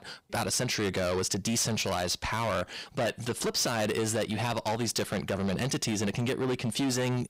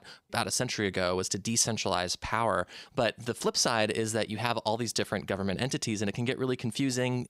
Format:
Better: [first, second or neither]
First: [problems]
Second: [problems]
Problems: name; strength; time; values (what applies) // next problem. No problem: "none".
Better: second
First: distortion; heavy; 6 dB below the speech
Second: none